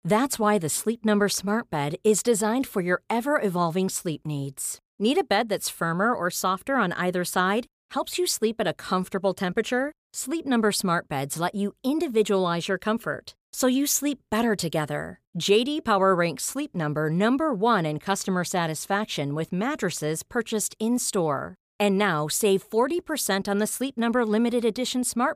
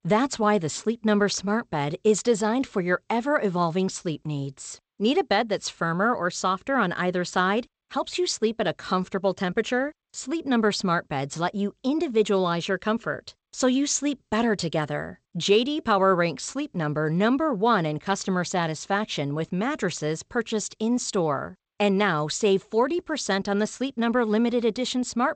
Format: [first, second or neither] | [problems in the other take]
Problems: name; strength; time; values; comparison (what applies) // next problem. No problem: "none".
first | garbled, watery; slightly; nothing above 8 kHz